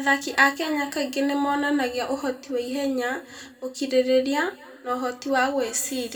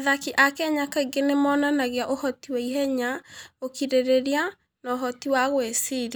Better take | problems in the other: second | room echo; dies away in 1.8 s

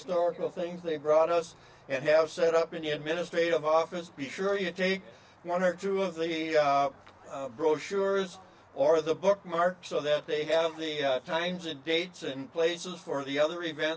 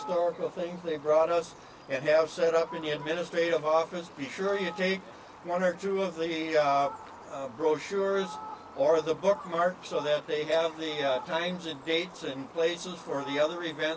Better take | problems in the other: first | background sound (Fowl); 16 dB below the speech

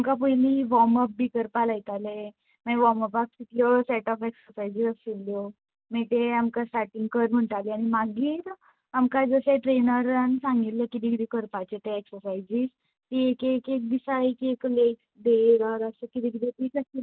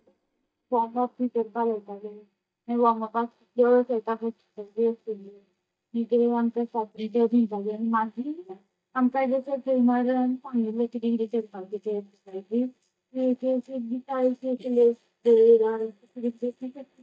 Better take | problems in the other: first | noise reduction (neural mask model DeepFilterNet 3)

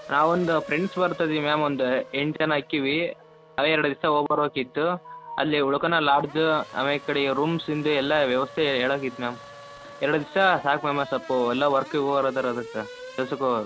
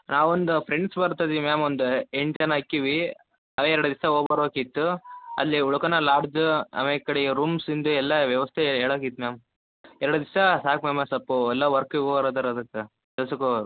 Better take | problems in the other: second | background sound (Race car, auto racing / Accelerating, revving, vroom); 19 dB below the speech

